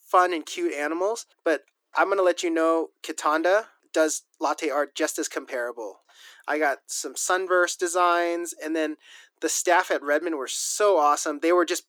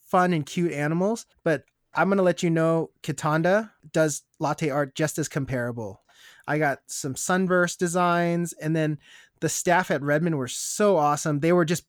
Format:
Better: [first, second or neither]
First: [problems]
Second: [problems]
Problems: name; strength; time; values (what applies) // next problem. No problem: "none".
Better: second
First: thin; very; fading below 300 Hz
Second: none